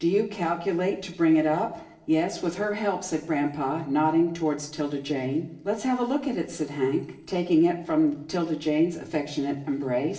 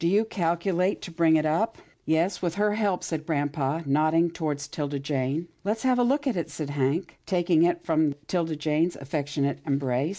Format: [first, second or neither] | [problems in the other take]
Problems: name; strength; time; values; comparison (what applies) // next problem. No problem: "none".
second | room echo; dies away in 0.6 s